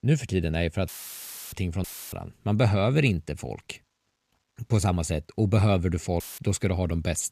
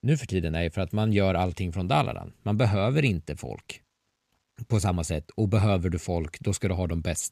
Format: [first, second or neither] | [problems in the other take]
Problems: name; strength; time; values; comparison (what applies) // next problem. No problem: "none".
second | audio cutting out; filled with static; at 1 s for 0.5 s, at 2 s and at 6 s